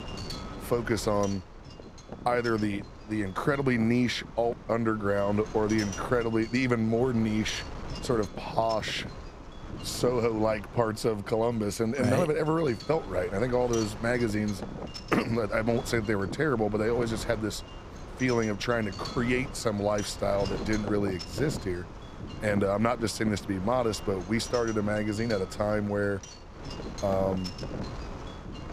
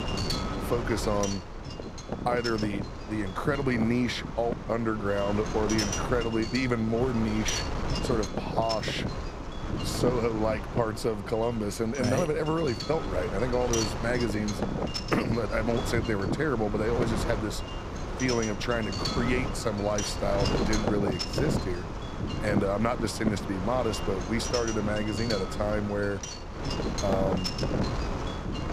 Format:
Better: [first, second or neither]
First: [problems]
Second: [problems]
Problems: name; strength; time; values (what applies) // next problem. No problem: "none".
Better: first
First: wind noise on the microphone; occasional gusts; 15 dB below the speech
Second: wind noise on the microphone; heavy; 4 dB below the speech